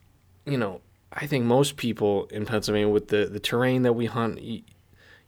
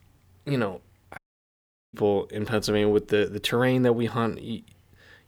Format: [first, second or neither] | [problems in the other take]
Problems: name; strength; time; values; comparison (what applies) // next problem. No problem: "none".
first | audio cutting out; at 1 s for 1 s